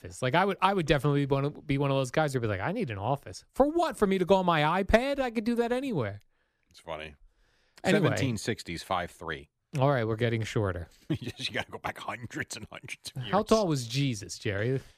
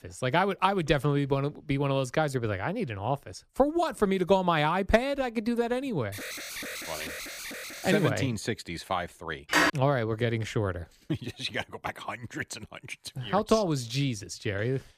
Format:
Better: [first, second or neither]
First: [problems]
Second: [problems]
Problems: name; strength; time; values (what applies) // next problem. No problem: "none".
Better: first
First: none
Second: alarm; noticeable; from 6 to 8 s; peak 7 dB below the speech // phone ringing; loud; at 9.5 s; peak 5 dB above the speech